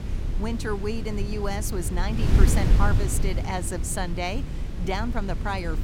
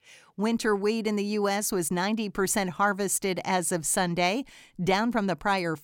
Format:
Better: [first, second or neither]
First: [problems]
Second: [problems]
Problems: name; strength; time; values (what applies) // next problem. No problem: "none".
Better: second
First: wind noise on the microphone; heavy; 7 dB below the speech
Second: none